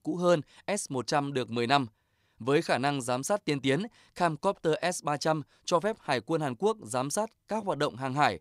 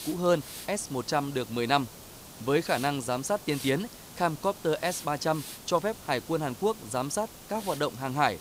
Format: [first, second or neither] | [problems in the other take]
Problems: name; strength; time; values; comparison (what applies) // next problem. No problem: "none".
first | hiss; noticeable; throughout; 15 dB below the speech